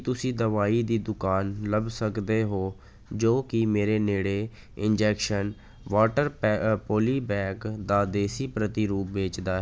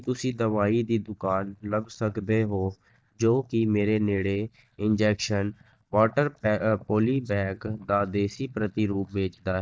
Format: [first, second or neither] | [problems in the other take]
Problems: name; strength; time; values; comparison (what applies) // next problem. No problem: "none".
first | noise reduction (neural mask model DeepFilterNet 3)